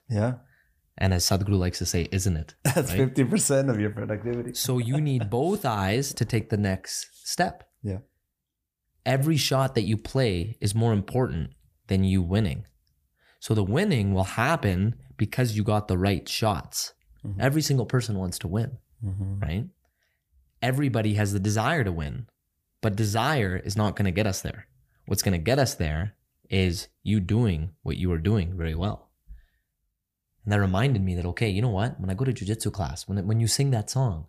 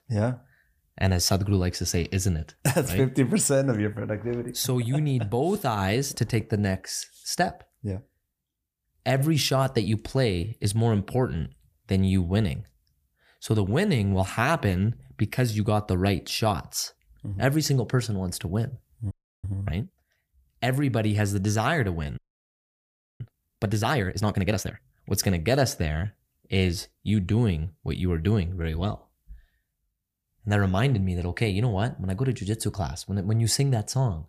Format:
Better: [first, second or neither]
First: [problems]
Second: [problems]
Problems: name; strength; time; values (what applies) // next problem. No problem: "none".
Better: first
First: none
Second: audio freezing; at 19 s and at 22 s for 1 s